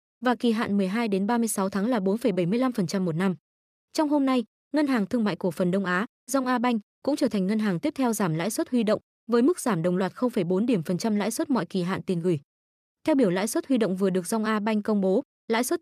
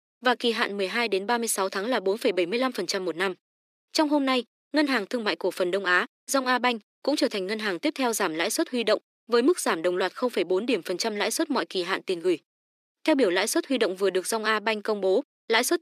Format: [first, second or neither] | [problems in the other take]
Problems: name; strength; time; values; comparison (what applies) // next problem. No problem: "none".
first | thin; somewhat; fading below 300 Hz